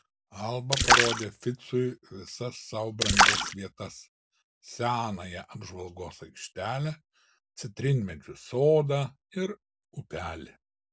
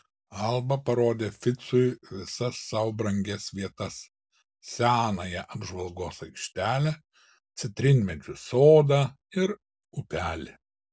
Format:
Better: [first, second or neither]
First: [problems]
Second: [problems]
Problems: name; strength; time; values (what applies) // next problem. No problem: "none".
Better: second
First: background sound (Splash, splatter); 5 dB above the speech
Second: none